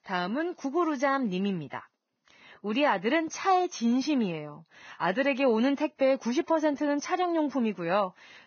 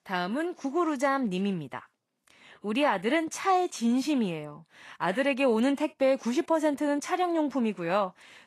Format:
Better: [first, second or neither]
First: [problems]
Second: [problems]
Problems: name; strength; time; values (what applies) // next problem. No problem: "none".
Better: second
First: garbled, watery; badly; nothing above 6.5 kHz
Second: garbled, watery; slightly; nothing above 12.5 kHz